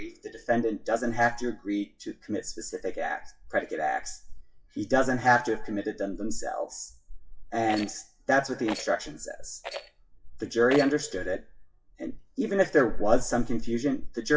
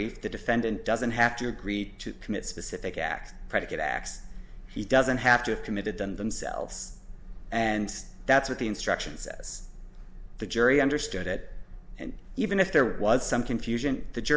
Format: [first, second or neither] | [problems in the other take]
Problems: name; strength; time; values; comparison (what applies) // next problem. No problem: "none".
second | noise reduction (classical method WPE with log-MMSE)